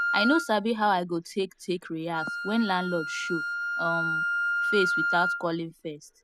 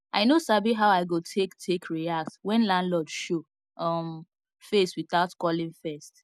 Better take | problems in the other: second | background sound (Wind instrument, woodwind instrument); 1 dB below the speech

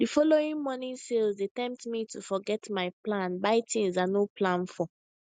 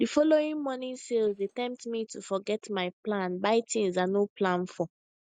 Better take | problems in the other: first | noise reduction (neural mask model DeepFilterNet 3)

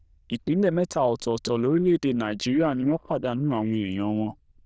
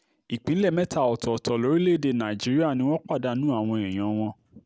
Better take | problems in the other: second | noise reduction (neural diffusion model UNIVERSE++)

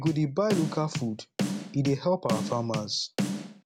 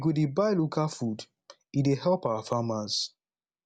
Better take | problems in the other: second | background sound (Bass drum / Snare drum); 4 dB below the speech

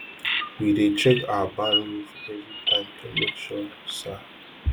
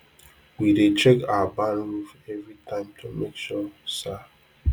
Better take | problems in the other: second | background sound (Bird vocalization, bird call, bird song); 4 dB below the speech

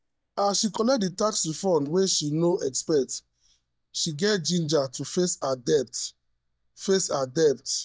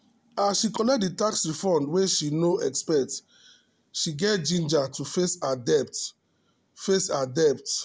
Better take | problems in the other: second | noise reduction (neural mask model DeepFilterNet 3)

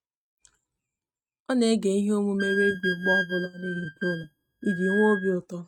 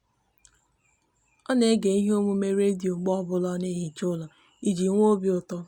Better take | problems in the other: second | noise reduction (neural mask model RNNoise)

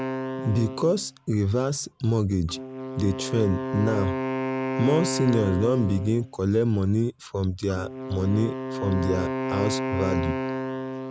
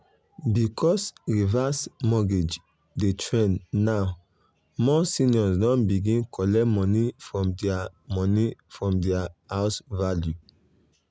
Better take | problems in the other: second | background sound (Wind instrument, woodwind instrument); 6 dB below the speech

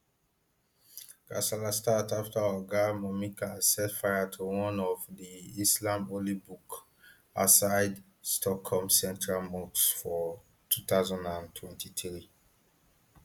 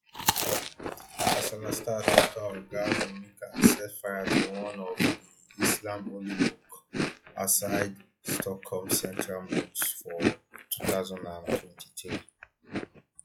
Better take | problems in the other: first | noise reduction (classical method log-MMSE)

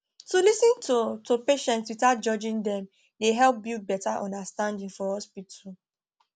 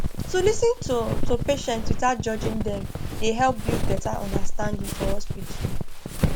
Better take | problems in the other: first | background sound (Walk, footsteps); 3 dB above the speech

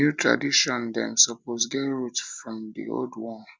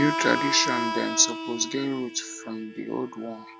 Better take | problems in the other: first | background sound (Harmonica); 5 dB below the speech

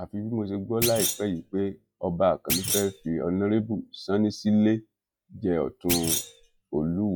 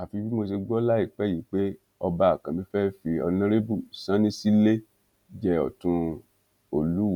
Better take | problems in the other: second | noise reduction (classical method log-MMSE)

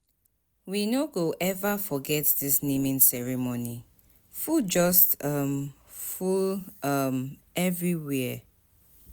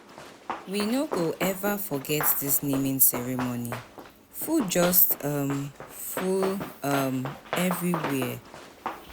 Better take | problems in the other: first | background sound (Run); 9 dB below the speech

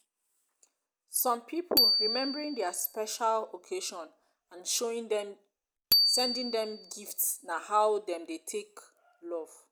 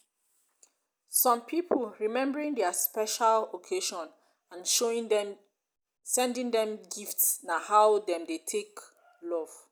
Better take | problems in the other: second | background sound (Bicycle bell); 1 dB above the speech

